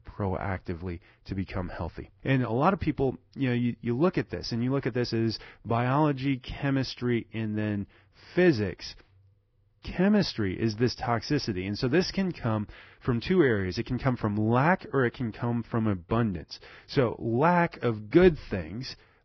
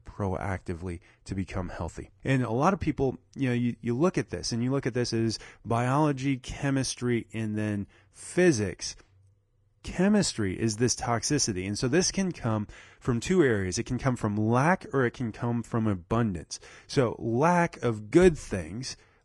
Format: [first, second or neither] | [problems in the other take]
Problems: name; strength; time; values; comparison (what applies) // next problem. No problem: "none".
second | garbled, watery; badly; nothing above 5.5 kHz; slightly in the second